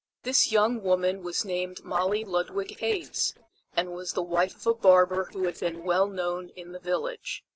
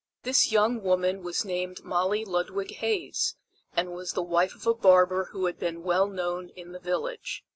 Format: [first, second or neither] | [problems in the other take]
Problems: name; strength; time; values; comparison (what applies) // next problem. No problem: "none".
second | noise reduction (neural separator model SepFormer DNS4)